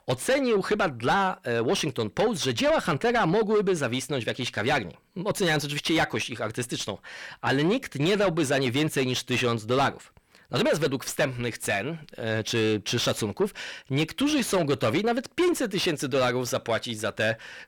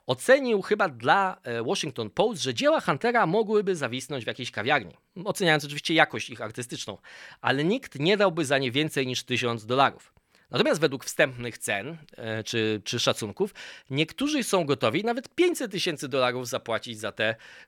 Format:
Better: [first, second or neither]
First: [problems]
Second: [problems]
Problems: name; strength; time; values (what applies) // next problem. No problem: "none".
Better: second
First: distortion; heavy; 6 dB below the speech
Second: none